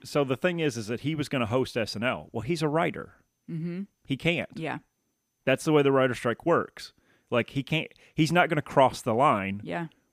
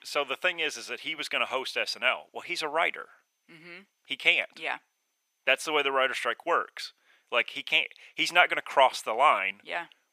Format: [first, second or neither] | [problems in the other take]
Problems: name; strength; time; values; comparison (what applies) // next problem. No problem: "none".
first | thin; very; fading below 750 Hz